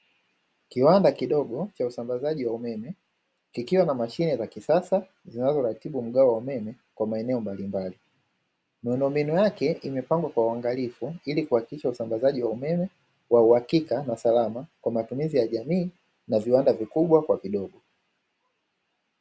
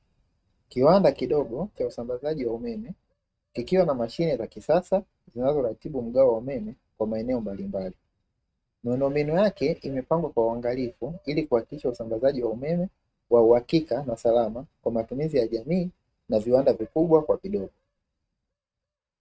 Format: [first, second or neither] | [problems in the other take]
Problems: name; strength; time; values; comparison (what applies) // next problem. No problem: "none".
first | noise reduction (neural mask model RNNoise)